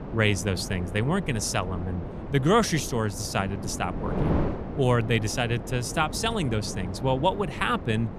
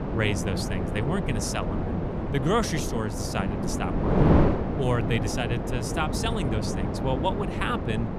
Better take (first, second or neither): first